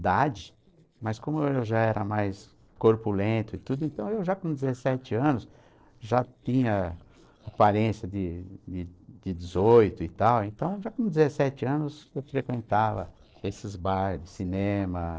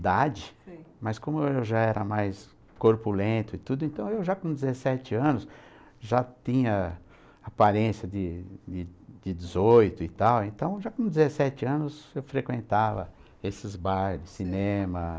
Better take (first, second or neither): second